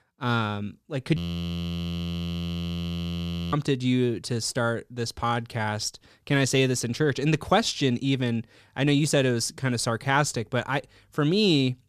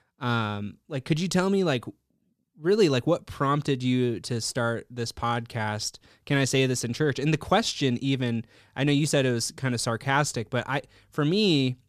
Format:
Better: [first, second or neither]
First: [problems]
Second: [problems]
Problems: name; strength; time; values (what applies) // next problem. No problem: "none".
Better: second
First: audio freezing; at 1 s for 2.5 s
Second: none